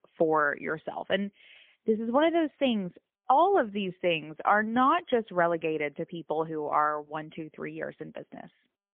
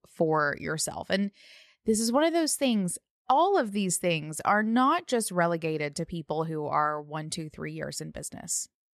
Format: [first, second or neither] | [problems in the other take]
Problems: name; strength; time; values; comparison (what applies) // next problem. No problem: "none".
second | phone-call audio; poor line; nothing above 3.5 kHz